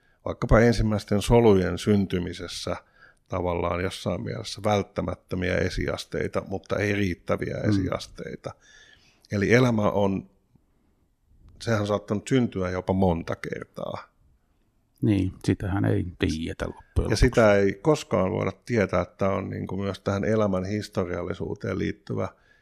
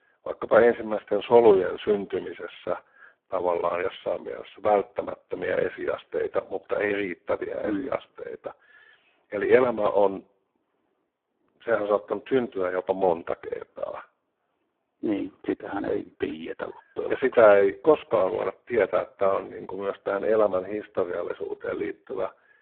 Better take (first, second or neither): first